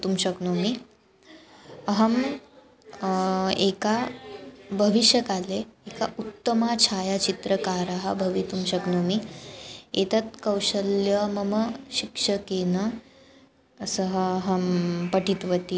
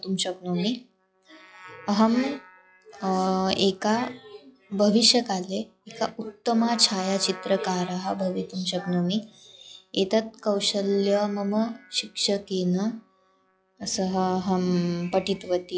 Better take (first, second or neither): first